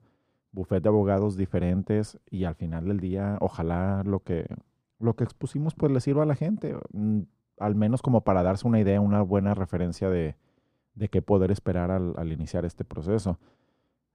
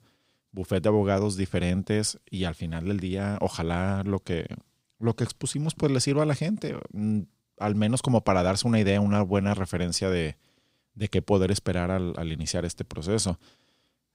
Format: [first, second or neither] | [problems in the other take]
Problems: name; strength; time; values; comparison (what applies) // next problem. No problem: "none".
second | muffled; very; fading above 2 kHz